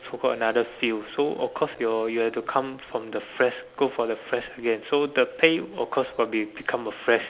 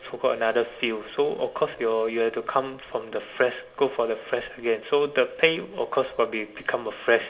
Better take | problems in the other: first | room echo; dies away in 0.3 s

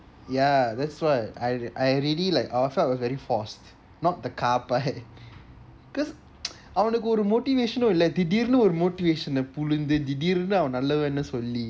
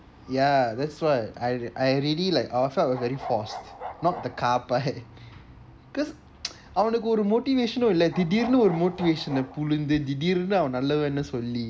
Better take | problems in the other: first | background sound (Bark); 14 dB below the speech

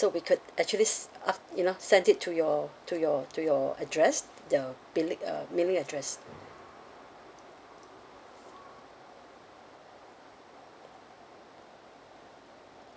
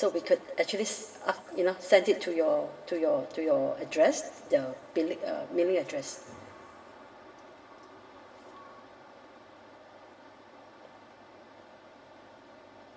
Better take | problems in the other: first | room echo; dies away in 1.4 s

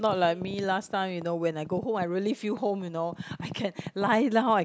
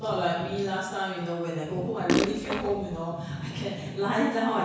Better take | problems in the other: first | background sound (Fart); as loud as the speech // room echo; dies away in 1.1 s

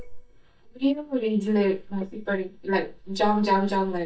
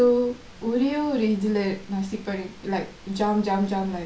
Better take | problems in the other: second | noise reduction (neural mask model DeepFilterNet 3)

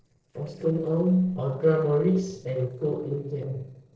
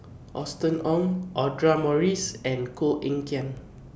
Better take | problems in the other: second | noise reduction (neural separator model SepFormer DNS4)

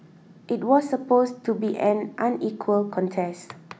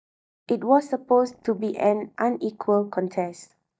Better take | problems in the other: first | noise reduction (neural mask model DeepFilterNet 3)

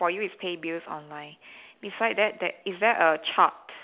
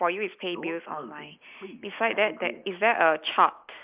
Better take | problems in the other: first | noise reduction (neural mask model Resemble Enhance denoiser)

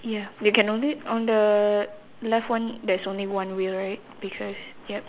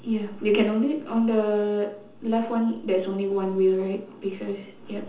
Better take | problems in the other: first | room echo; dies away in 0.6 s

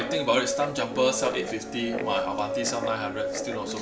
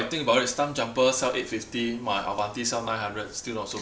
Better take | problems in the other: second | background sound (Guitar); 3 dB below the speech

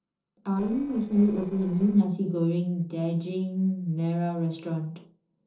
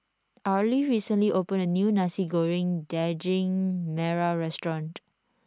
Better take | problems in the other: second | noise reduction (neural separator model SepFormer DNS4)

